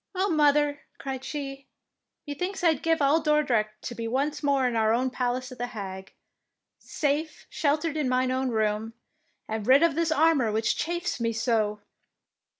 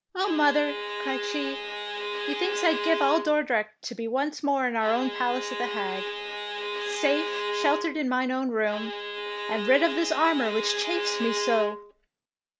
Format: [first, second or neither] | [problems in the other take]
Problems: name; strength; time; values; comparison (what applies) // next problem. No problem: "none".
first | background sound (Bowed string instrument); 4 dB below the speech